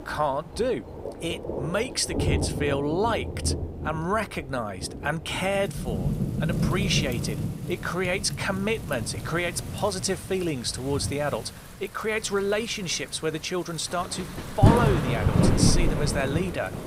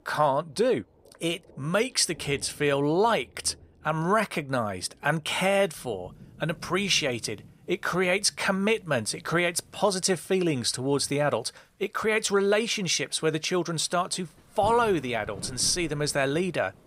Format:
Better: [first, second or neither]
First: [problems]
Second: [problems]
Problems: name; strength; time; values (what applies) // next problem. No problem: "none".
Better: second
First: rain or running water; loud; throughout; as loud as the speech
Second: rain or running water; faint; throughout; 25 dB below the speech